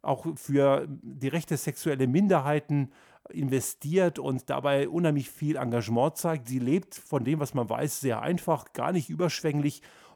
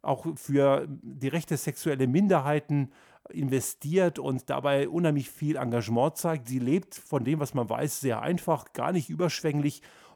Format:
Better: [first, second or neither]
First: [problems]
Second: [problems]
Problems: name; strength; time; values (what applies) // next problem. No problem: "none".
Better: neither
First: none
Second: none